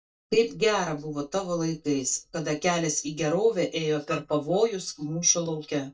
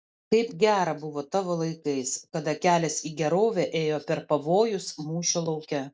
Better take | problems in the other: second | noise reduction (neural mask model DeepFilterNet 3)

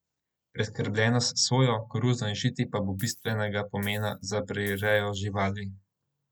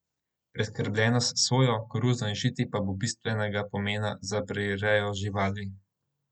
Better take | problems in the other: second | background sound (Coin (dropping)); 19 dB below the speech

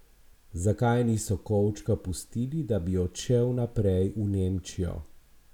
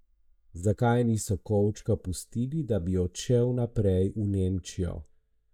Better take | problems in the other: first | noise reduction (neural mask model DeepFilterNet 3)

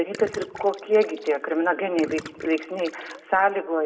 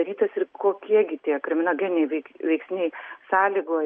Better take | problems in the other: second | background sound (Gurgling); 18 dB below the speech // room echo; dies away in 1.2 s

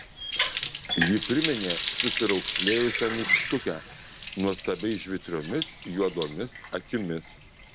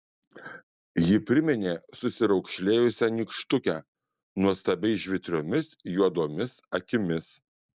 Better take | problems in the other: second | background sound (Water tap, faucet); 2 dB below the speech

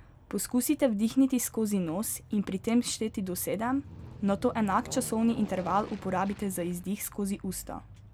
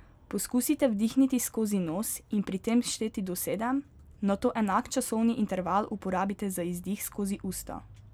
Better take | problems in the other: second | background sound (Aircraft); 18 dB below the speech

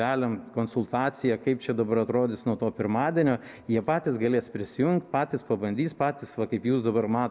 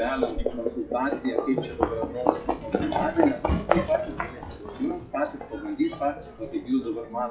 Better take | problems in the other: first | noise reduction (classical method WPE with log-MMSE)

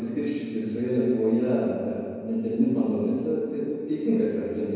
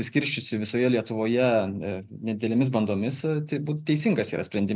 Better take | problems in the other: second | room echo; dies away in 2.2 s

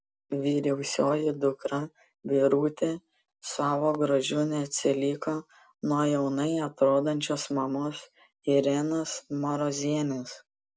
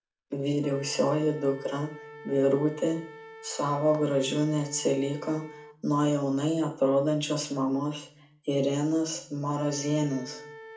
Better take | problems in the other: first | background sound (Wind instrument, woodwind instrument); 19 dB below the speech // room echo; dies away in 0.4 s

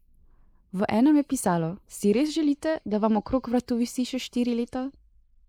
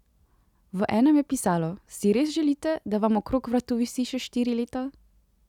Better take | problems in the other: second | noise reduction (neural mask model Resemble Enhance denoiser)

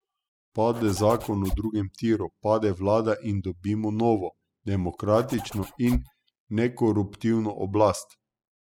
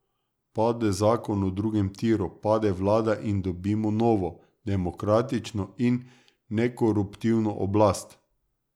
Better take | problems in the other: second | noise reduction (classical method spectral subtraction)

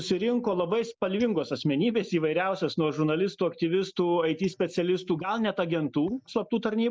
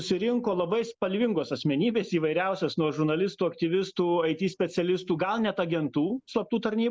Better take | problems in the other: second | noise reduction (neural mask model DeepFilterNet 3)

